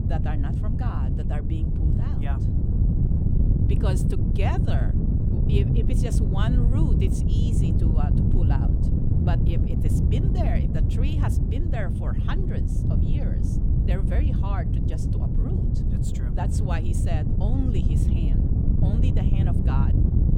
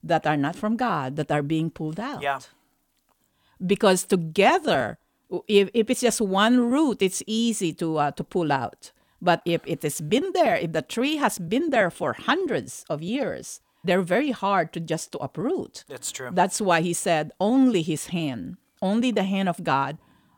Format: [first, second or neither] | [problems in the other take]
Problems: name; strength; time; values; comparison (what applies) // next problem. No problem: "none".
second | wind noise on the microphone; heavy; 2 dB above the speech